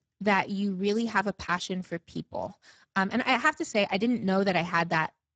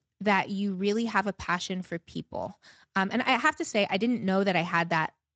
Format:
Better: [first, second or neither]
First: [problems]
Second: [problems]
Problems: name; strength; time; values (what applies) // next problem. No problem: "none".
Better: second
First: garbled, watery; badly; nothing above 7.5 kHz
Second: garbled, watery; slightly; nothing above 7.5 kHz